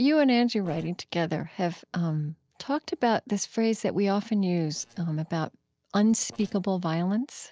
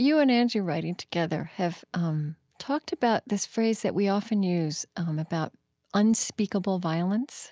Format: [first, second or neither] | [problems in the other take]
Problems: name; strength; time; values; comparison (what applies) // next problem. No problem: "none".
second | noise reduction (neural separator model SepFormer DNS4)